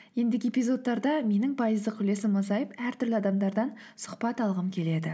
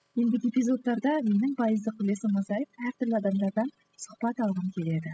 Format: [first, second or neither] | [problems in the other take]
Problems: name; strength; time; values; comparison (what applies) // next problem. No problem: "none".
first | noise reduction (classical method spectral subtraction)